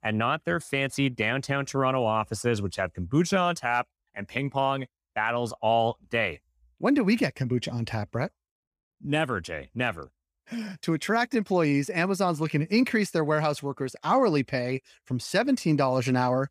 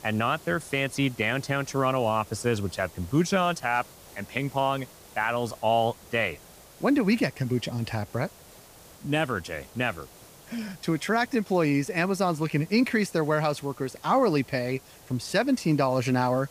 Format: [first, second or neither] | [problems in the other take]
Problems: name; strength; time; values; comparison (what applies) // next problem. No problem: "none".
first | hiss; faint; throughout; 20 dB below the speech